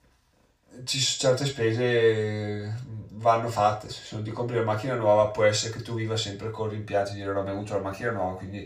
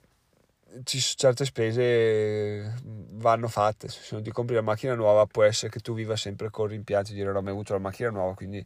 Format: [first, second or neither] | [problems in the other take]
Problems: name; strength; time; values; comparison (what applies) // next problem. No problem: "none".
second | room echo; very slight; dies away in 0.3 s // off-mic speech; somewhat distant